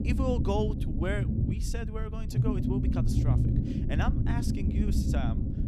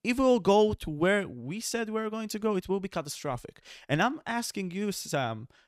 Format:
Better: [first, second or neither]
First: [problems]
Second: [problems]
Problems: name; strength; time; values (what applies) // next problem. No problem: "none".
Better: second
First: low rumble; loud; throughout; 2 dB below the speech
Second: none